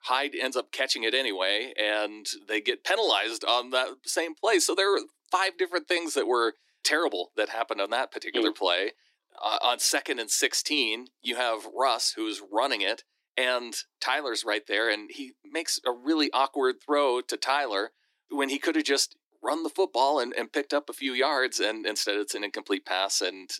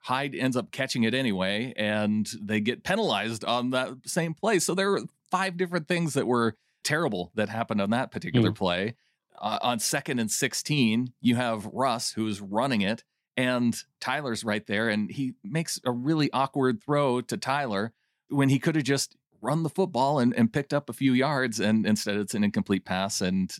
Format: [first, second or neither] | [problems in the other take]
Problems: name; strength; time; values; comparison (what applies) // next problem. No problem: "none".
second | thin; very; fading below 300 Hz